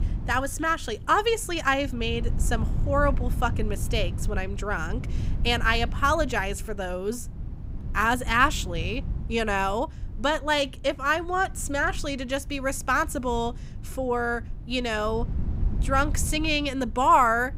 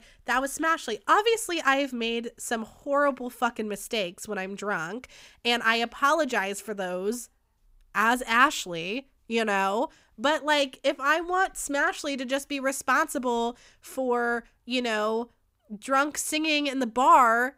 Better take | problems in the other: second | low rumble; faint; throughout; 20 dB below the speech

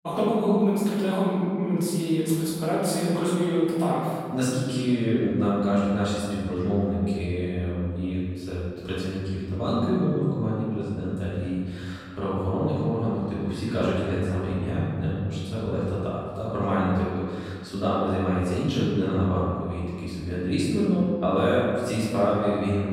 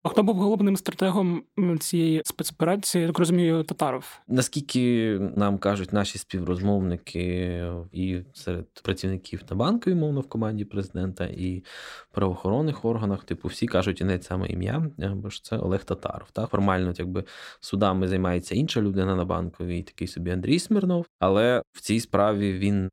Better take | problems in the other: second | room echo; strong; dies away in 1.8 s // off-mic speech; far

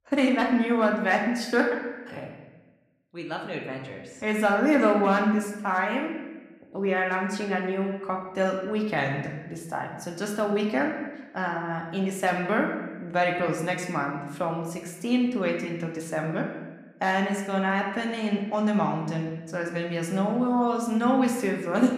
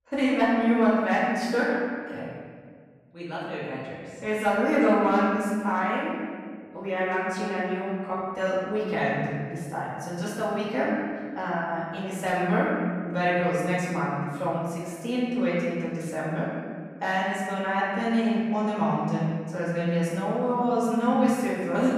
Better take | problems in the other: first | room echo; strong; dies away in 1.7 s; slight in the first // off-mic speech; far; somewhat distant in the first

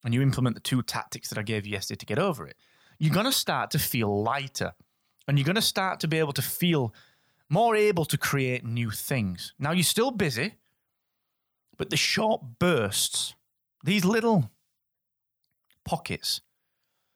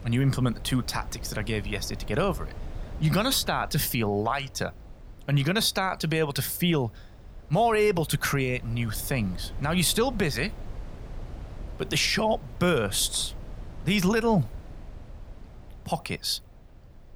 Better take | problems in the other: first | wind noise on the microphone; occasional gusts; 25 dB below the speech

